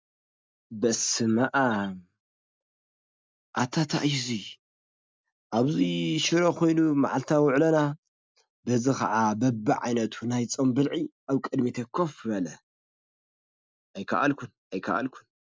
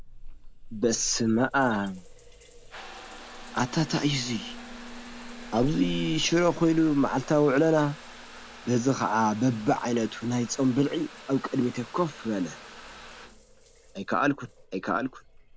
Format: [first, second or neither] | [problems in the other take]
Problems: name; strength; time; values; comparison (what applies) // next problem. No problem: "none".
first | background sound (Trickle, dribble / Bathtub (filling or washing) / Water tap, faucet); 15 dB below the speech